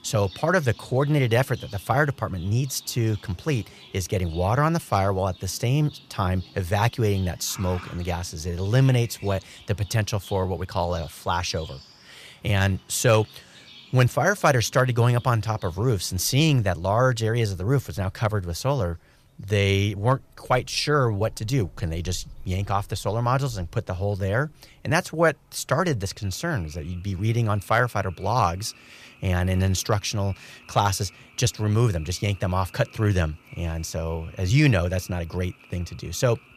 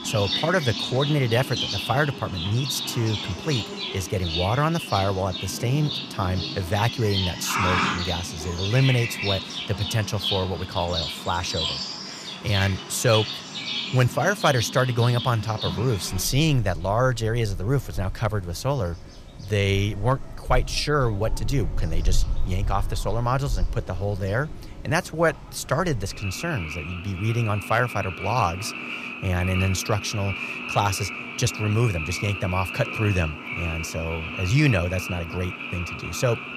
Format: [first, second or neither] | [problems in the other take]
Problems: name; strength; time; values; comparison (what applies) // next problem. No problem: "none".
first | animal sounds; loud; throughout; 5 dB below the speech; faint in the first